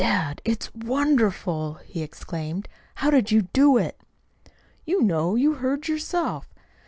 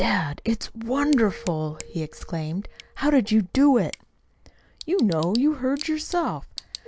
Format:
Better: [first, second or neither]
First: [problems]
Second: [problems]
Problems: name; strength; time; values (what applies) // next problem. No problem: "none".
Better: first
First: none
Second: background sound (Tick / Bicycle + Keyboard (musical)); 19 dB below the speech